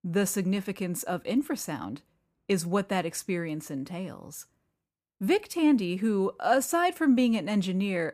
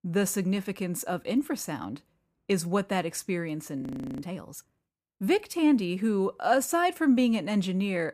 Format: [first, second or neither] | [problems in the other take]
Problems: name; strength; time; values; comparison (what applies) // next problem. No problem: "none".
first | audio freezing; at 4 s